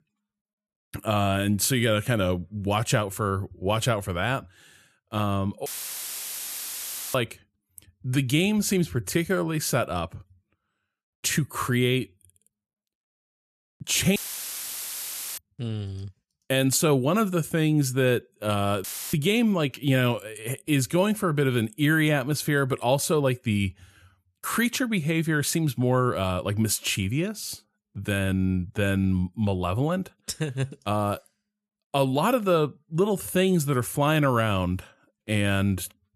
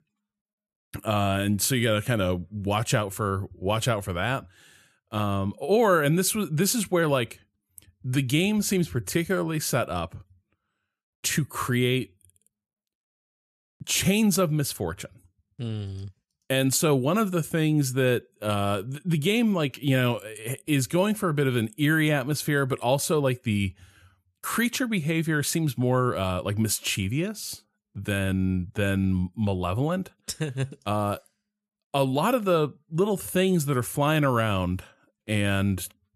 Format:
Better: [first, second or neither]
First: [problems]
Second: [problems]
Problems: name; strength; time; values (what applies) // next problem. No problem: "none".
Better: second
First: audio cutting out; filled with static; at 5.5 s for 1.5 s, at 14 s for 1 s and at 19 s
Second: none